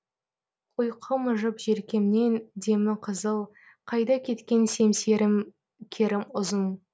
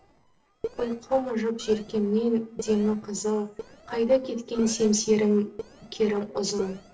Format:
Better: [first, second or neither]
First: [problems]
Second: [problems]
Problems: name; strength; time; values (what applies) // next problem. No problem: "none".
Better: first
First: none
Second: noise reduction (neural separator model SepFormer DNS4)